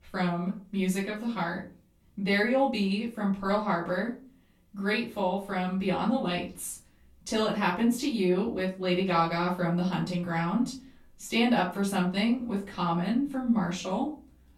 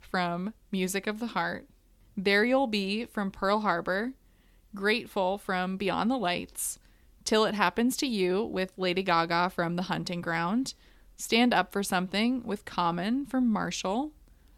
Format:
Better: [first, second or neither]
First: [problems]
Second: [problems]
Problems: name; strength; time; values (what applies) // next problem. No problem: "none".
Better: second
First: off-mic speech; far // room echo; slight; dies away in 0.3 s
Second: none